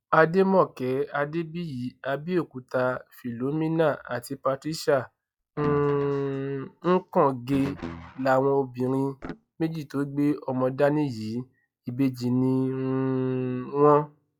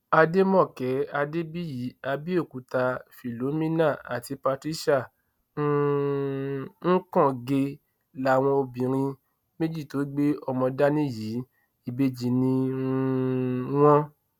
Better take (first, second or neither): second